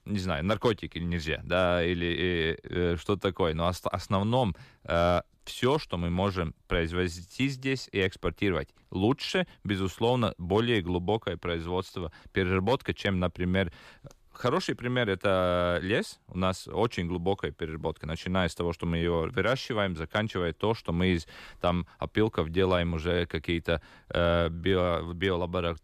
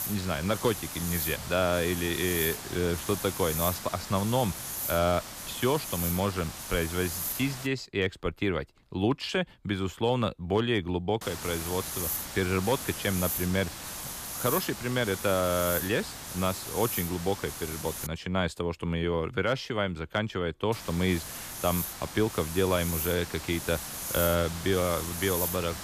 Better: first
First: none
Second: hiss; loud; until 7.5 s, from 11 to 18 s and from 21 s on; 5 dB below the speech

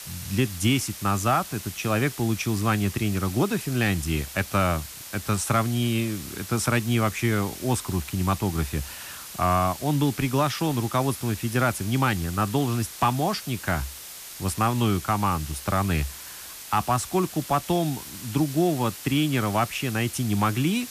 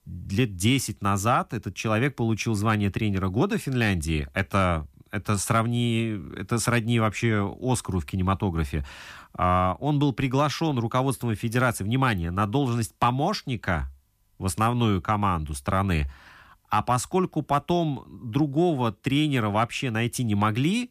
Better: second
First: hiss; noticeable; throughout; 10 dB below the speech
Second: none

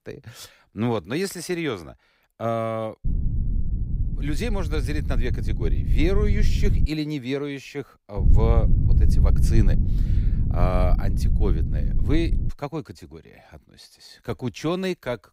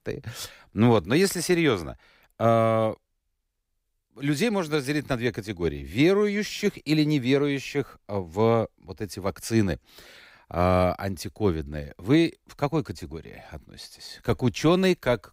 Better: second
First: low rumble; loud; from 3 to 7 s and from 8 to 12 s; 9 dB below the speech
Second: none

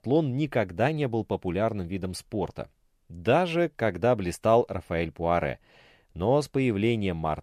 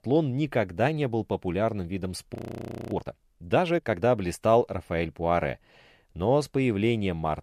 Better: first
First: none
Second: audio freezing; at 2.5 s for 0.5 s

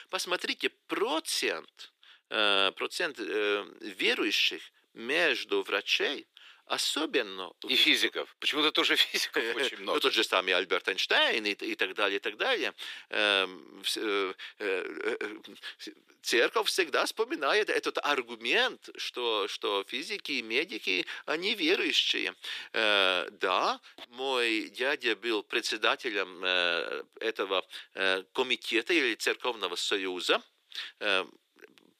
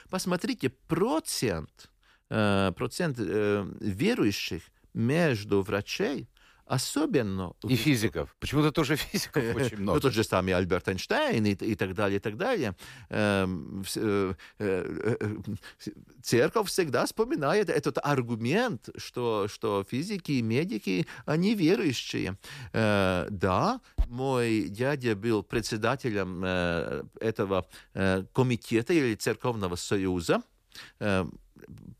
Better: second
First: thin; very; fading below 350 Hz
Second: none

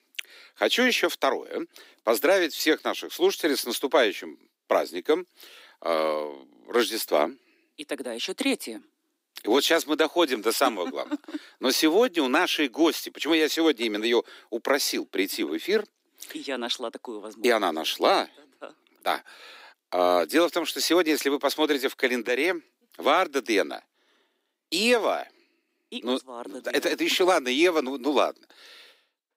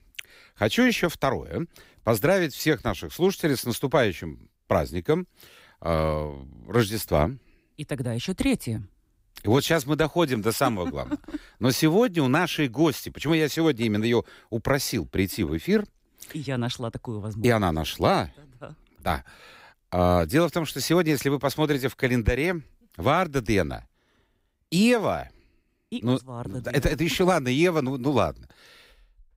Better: second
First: thin; somewhat; fading below 300 Hz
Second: none

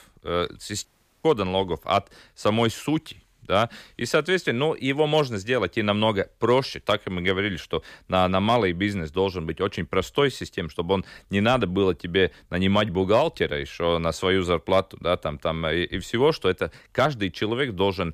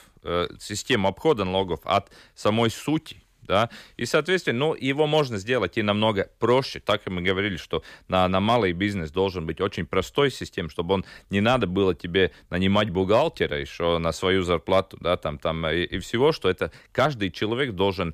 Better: second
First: audio cutting out; at 1 s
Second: none

